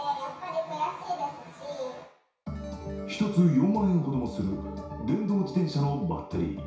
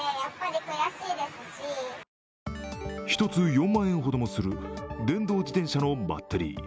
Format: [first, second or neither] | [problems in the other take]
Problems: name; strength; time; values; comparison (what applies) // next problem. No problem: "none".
second | room echo; dies away in 0.6 s